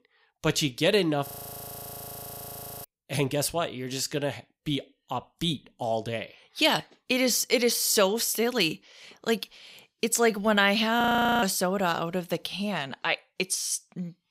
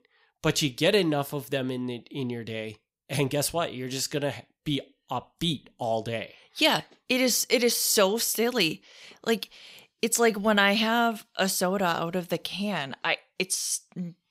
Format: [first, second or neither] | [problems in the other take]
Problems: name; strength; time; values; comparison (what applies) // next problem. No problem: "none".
second | audio freezing; at 1.5 s for 1.5 s and at 11 s